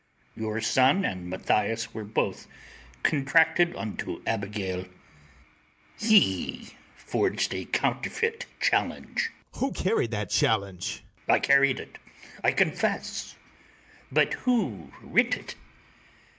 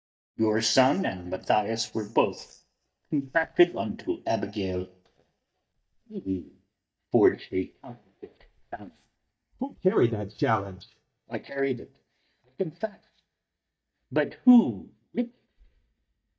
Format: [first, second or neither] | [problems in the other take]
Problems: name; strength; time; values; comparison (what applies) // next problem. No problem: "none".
first | noise reduction (neural mask model DeepFilterNet 3)